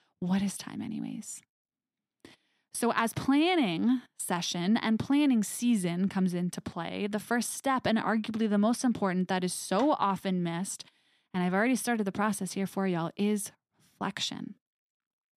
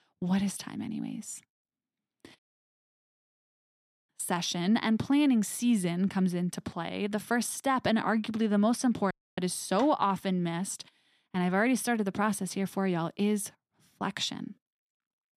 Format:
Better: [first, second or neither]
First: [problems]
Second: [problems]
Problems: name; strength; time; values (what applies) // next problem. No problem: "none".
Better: first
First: none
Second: audio cutting out; at 2.5 s for 1.5 s and at 9 s